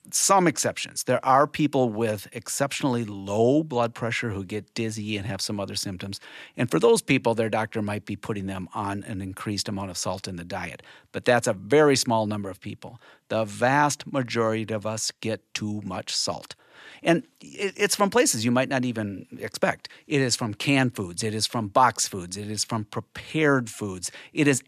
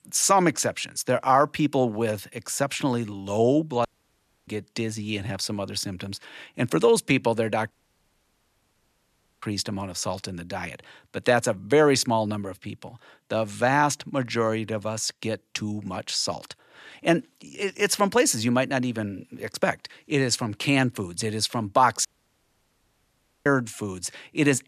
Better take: first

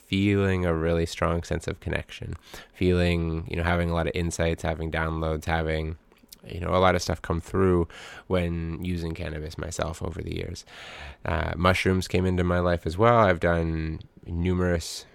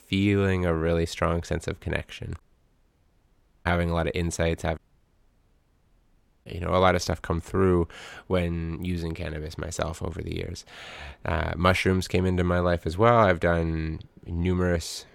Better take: first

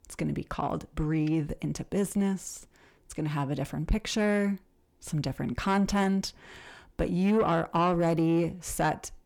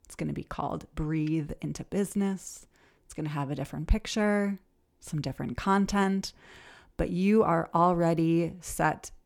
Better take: second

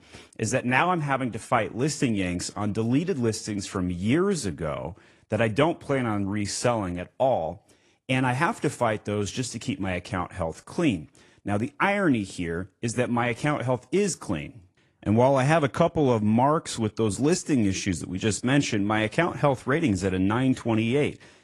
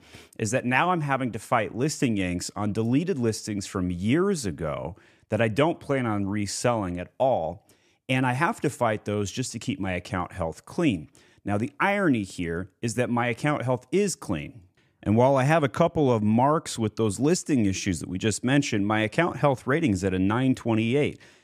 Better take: second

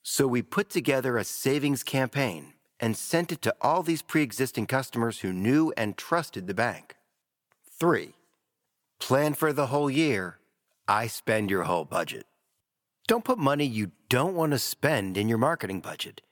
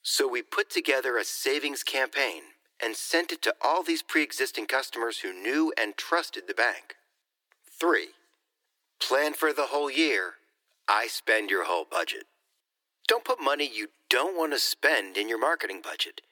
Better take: first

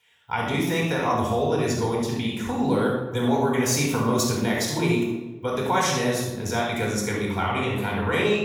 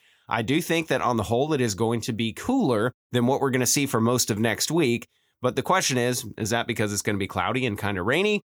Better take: second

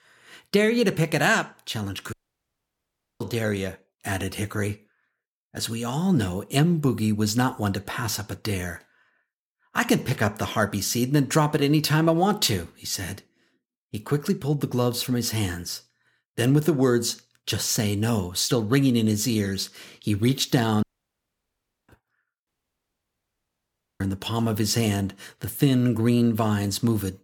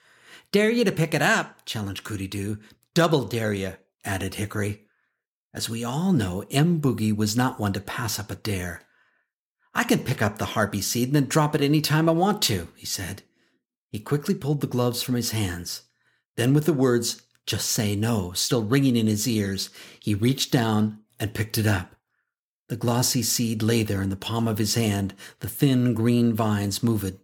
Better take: second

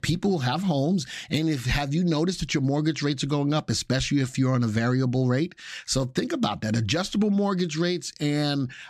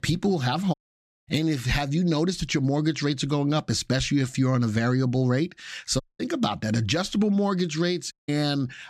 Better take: first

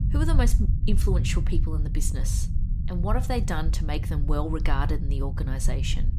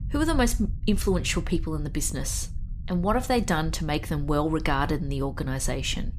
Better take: second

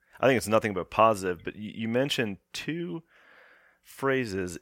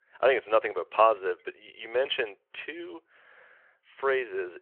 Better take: first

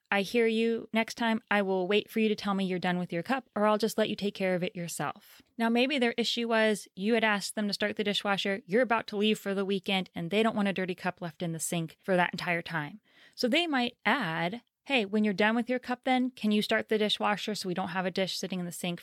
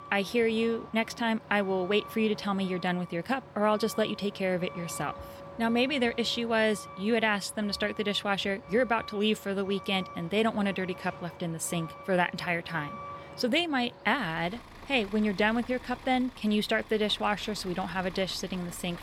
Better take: first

